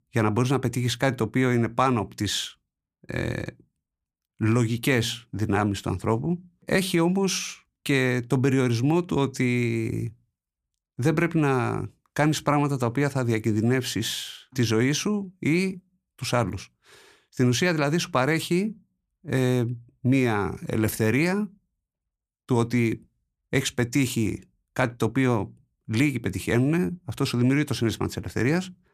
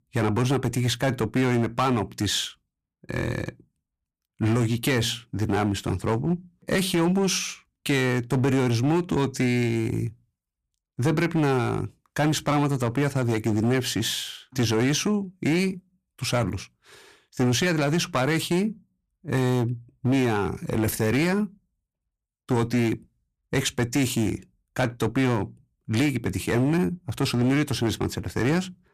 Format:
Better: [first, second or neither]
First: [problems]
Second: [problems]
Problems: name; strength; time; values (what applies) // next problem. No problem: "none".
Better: first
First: none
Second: distortion; slight; 8% of the sound clipped